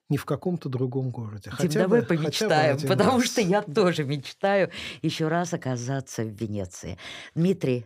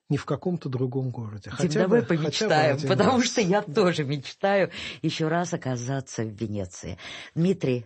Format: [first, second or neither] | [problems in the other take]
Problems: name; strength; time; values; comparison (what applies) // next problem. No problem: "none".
first | garbled, watery; slightly; nothing above 8 kHz